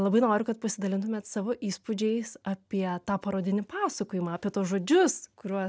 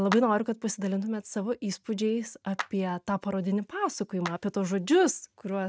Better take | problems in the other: first | noise reduction (neural mask model RNNoise)

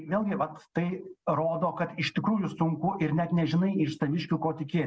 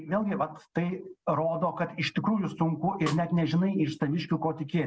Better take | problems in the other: first | background sound (Snare drum); 15 dB below the speech

